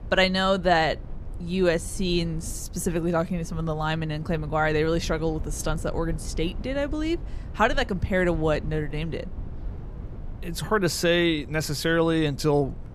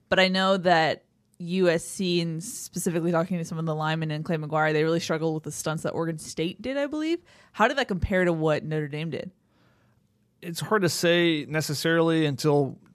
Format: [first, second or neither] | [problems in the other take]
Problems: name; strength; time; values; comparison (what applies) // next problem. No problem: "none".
second | low rumble; faint; throughout; 25 dB below the speech